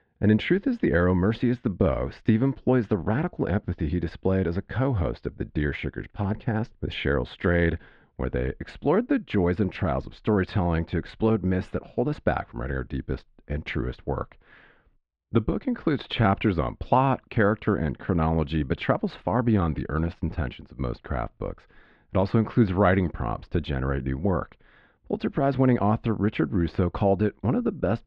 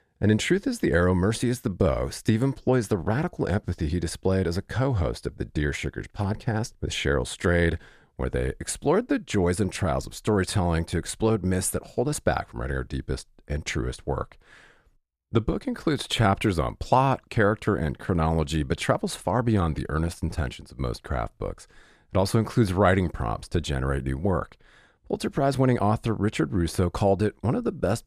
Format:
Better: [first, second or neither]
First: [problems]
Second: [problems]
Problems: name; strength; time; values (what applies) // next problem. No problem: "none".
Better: second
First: muffled; very; fading above 3 kHz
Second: none